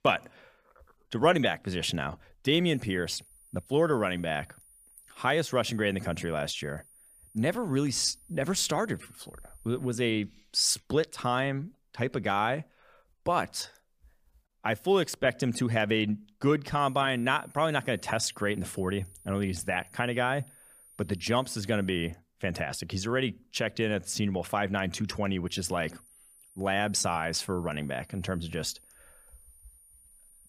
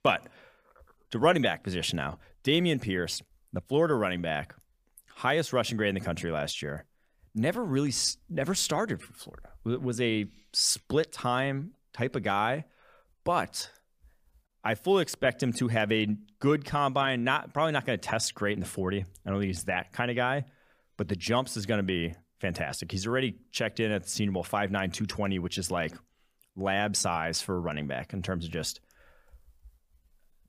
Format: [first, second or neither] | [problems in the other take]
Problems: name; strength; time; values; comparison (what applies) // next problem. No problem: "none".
second | high-pitched whine; faint; from 2.5 to 10 s, from 17 to 22 s and from 25 s on; 9.5 kHz, 25 dB below the speech